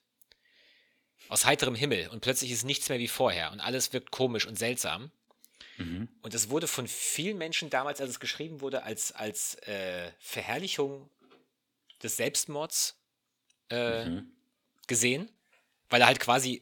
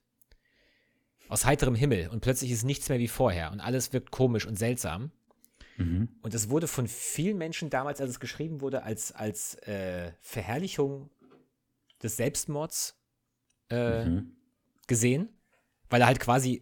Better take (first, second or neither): second